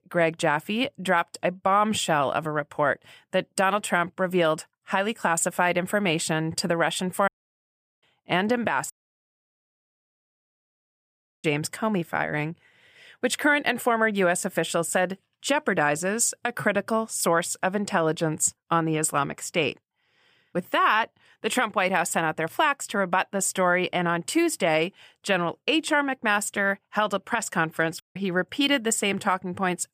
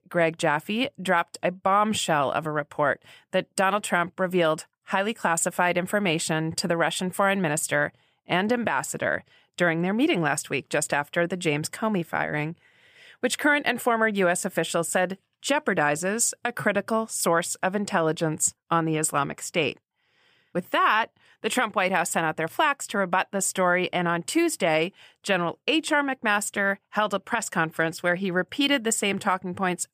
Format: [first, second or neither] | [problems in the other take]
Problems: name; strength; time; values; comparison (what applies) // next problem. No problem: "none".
second | audio cutting out; at 7.5 s for 0.5 s, at 9 s for 2.5 s and at 28 s